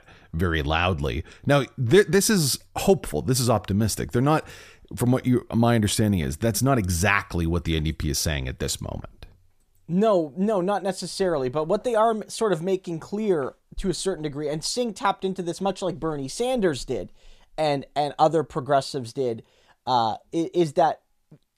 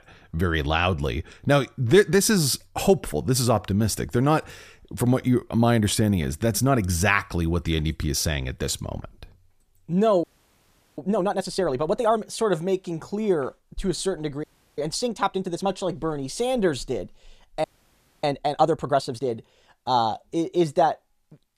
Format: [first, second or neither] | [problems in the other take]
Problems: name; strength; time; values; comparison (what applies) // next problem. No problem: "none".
first | audio freezing; at 10 s for 0.5 s, at 14 s and at 18 s for 0.5 s